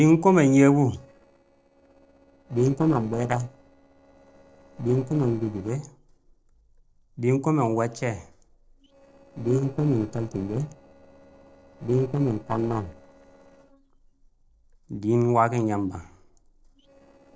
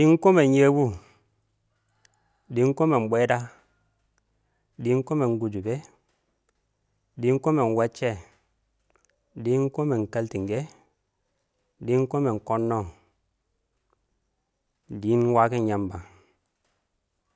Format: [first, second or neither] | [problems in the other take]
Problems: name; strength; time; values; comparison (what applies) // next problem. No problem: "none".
second | noise reduction (neural separator model SepFormer DNS4)